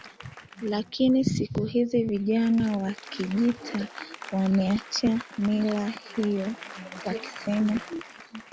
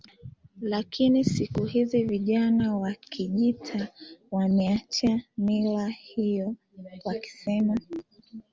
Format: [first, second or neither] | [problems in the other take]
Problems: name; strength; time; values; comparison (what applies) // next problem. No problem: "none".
second | background sound (Applause); 17 dB below the speech